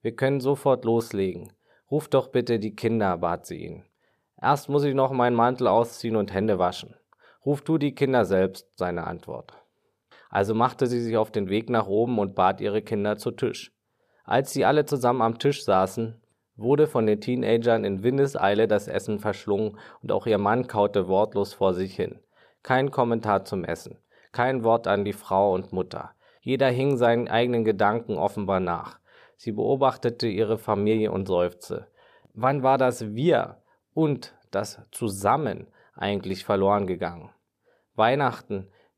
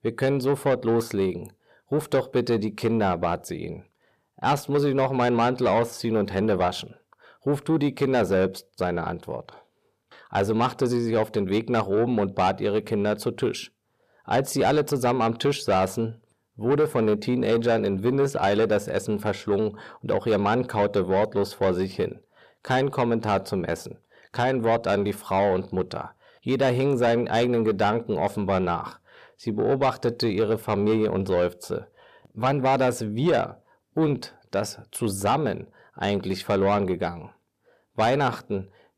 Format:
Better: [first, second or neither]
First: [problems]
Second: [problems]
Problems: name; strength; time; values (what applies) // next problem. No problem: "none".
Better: first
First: none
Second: distortion; slight; 10 dB below the speech